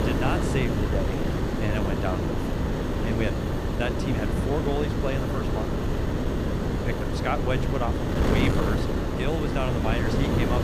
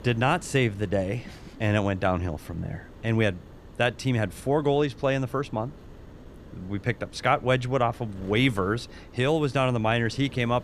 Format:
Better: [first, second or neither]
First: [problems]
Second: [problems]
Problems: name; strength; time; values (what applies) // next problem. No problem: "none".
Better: second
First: wind noise on the microphone; heavy; 1 dB above the speech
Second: wind noise on the microphone; occasional gusts; 25 dB below the speech